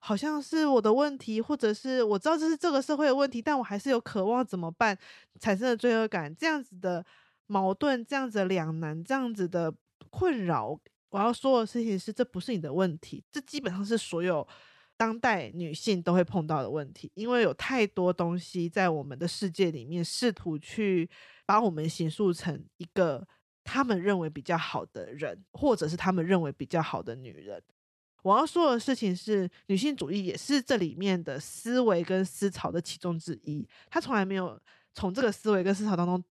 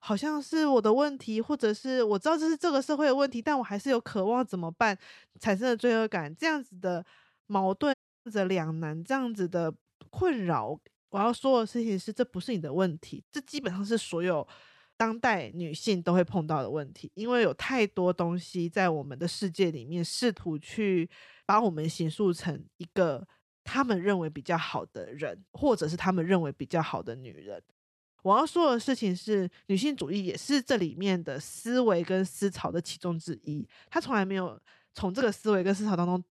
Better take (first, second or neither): first